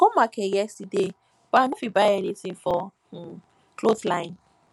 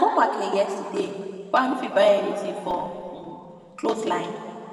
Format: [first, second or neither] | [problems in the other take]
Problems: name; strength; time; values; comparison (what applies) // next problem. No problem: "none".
first | room echo; dies away in 2.4 s